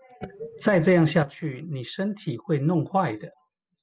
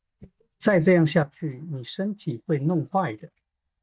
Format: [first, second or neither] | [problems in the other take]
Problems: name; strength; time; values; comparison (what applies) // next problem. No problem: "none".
first | noise reduction (neural mask model DeepFilterNet 3)